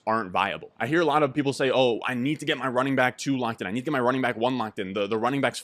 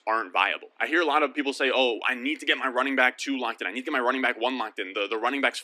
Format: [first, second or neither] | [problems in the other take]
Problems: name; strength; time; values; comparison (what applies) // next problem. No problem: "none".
first | thin; very slightly; fading below 250 Hz